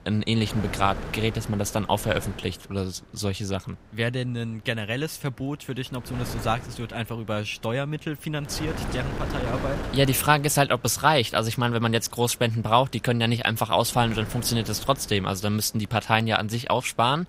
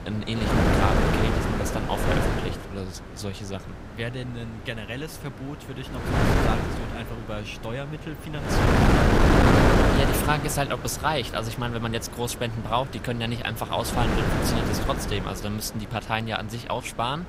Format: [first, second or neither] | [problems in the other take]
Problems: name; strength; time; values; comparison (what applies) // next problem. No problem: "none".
first | wind noise on the microphone; heavy; 5 dB above the speech; occasional gusts in the first